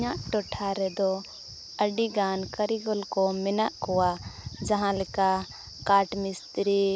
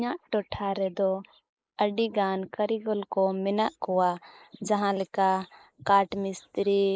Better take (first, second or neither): first